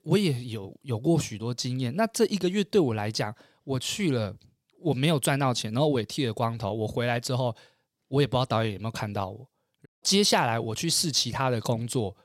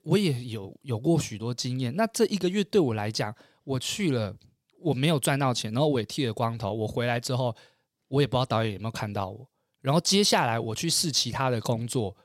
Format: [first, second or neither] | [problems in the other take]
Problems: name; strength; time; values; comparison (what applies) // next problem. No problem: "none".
second | audio cutting out; at 10 s